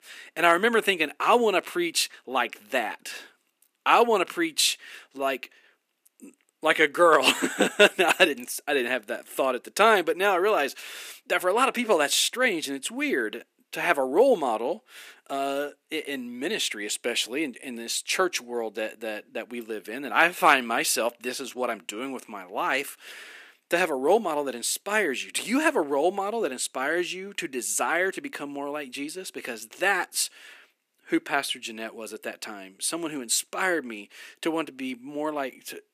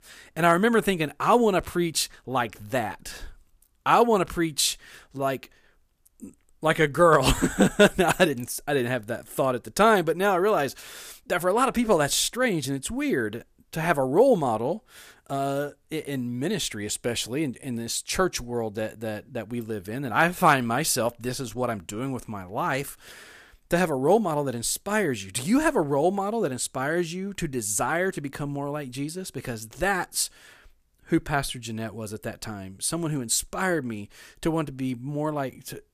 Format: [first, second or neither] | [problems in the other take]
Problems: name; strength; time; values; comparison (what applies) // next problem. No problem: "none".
second | thin; very slightly; fading below 250 Hz